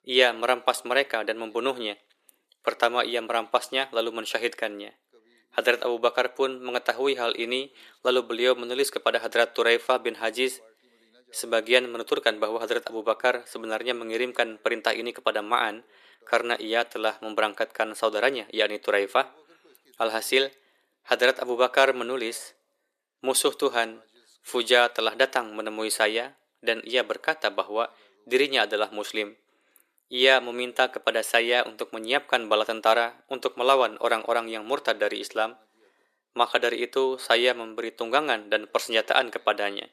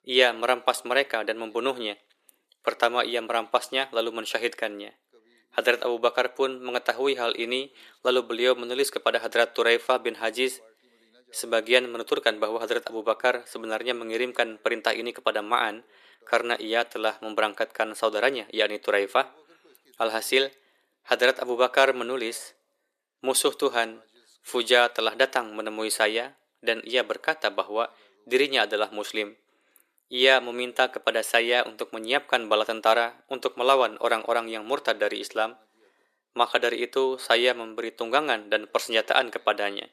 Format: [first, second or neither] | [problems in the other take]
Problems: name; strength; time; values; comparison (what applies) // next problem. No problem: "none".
neither | thin; very; fading below 350 Hz; the same in both